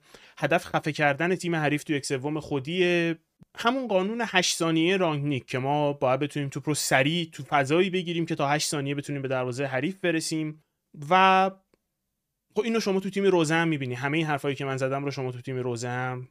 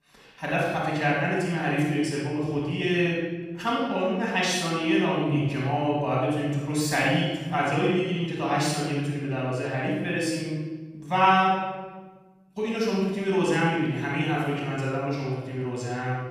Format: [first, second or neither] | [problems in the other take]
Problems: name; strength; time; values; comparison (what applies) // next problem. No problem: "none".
first | off-mic speech; far // room echo; strong; dies away in 1.3 s